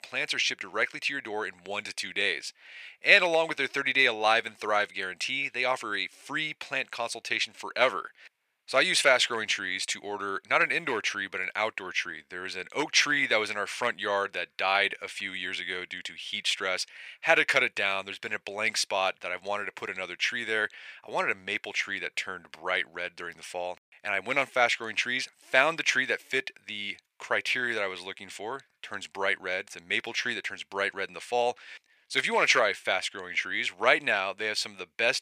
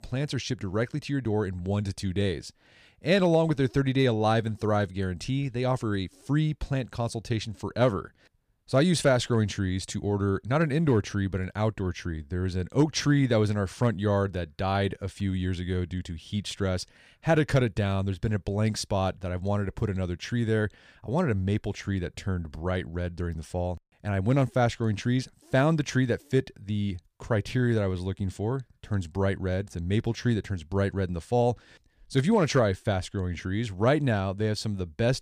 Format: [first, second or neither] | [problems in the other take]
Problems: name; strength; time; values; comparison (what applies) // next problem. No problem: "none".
second | thin; very; fading below 700 Hz